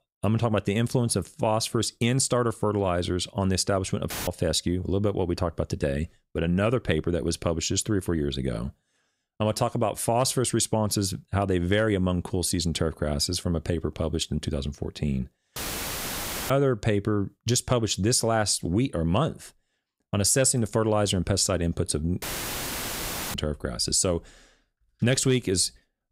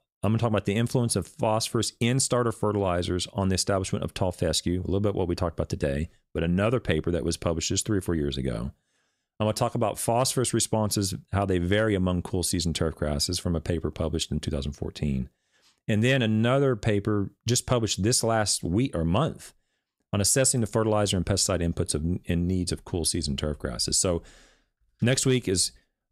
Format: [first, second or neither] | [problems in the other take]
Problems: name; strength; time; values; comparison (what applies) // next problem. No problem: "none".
second | audio cutting out; filled with static; at 4 s, at 16 s for 1 s and at 22 s for 1 s